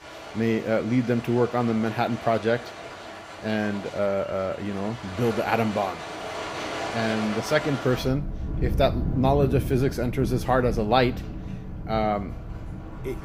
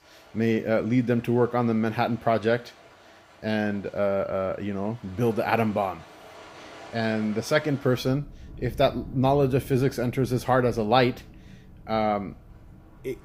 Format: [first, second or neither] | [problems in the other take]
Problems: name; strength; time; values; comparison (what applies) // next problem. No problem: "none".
second | rain or running water; loud; throughout; 8 dB below the speech; faint in the second